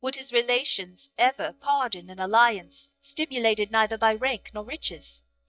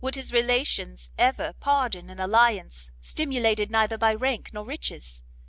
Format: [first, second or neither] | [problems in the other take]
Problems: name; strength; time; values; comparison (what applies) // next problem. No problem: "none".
second | noise reduction (neural mask model DeepFilterNet 3)